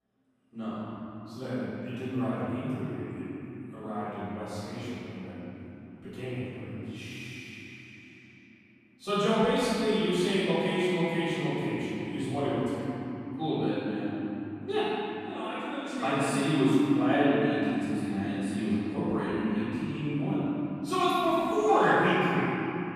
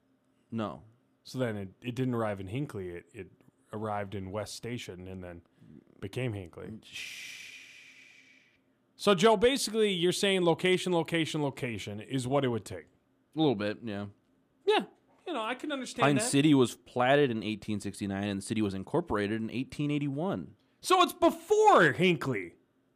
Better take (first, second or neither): second